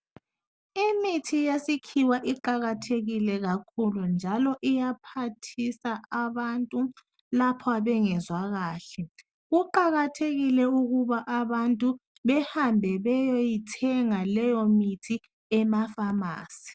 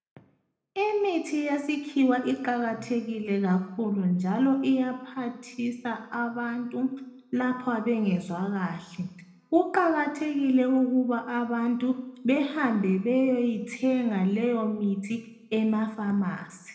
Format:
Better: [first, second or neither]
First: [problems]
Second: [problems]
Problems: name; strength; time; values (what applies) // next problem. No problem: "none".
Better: first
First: none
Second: room echo; dies away in 0.8 s